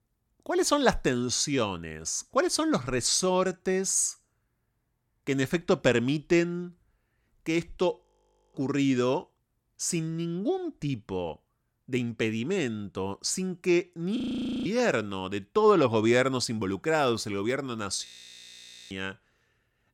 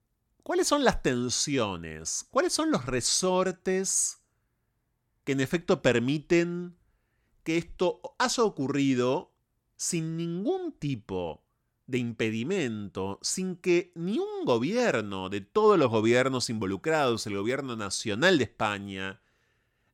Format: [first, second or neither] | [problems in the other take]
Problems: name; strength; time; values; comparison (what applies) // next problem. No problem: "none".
second | audio freezing; at 8 s for 0.5 s, at 14 s and at 18 s for 1 s